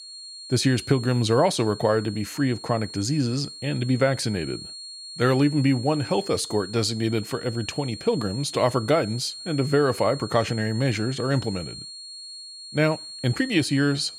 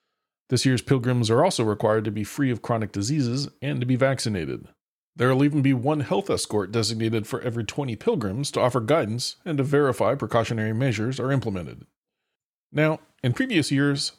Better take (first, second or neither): second